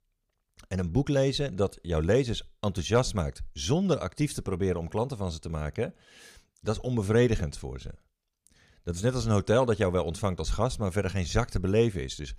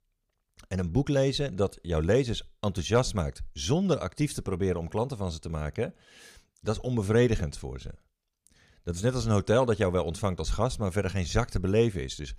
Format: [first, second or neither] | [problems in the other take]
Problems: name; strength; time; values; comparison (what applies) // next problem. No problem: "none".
neither | none